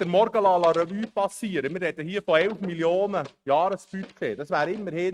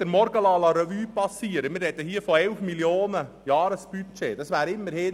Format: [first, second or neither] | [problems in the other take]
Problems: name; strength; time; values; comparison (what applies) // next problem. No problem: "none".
second | noise reduction (neural mask model RNNoise)